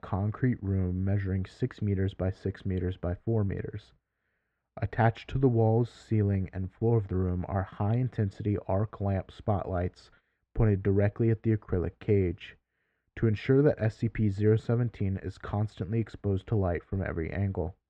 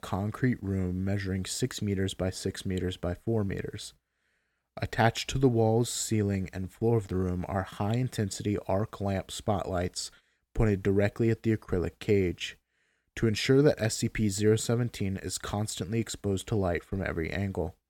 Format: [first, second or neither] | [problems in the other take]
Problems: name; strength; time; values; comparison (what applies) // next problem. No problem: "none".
second | muffled; very; fading above 2 kHz